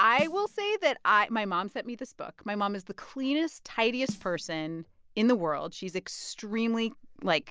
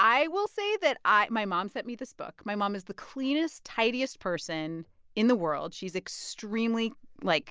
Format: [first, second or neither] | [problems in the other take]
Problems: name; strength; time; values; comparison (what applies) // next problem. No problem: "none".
second | background sound (Snare drum); 16 dB below the speech